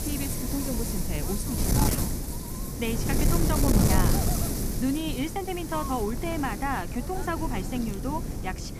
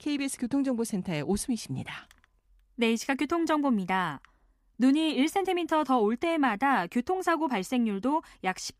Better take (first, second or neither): second